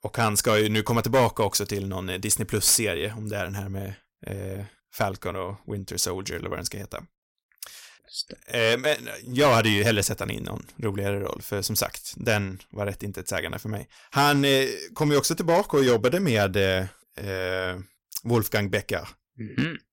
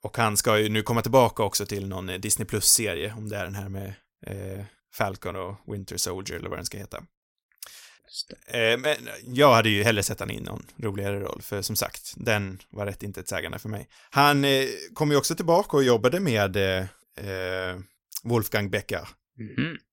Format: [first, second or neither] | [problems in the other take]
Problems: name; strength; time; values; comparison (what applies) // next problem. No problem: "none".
second | distortion; slight; 3% of the sound clipped